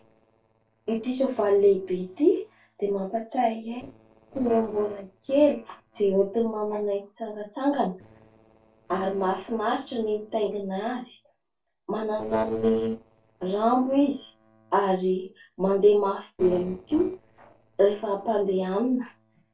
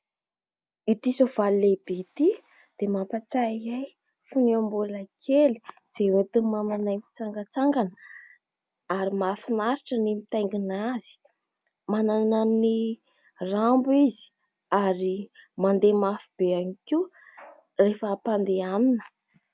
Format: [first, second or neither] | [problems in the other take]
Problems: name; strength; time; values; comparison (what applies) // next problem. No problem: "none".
second | noise reduction (neural separator model SepFormer DNS4)